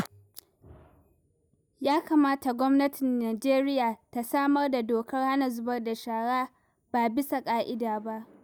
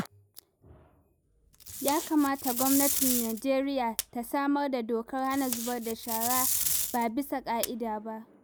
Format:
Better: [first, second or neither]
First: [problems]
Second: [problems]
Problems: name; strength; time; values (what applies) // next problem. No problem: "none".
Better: first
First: none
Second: background sound (Packing tape, duct tape); 2 dB below the speech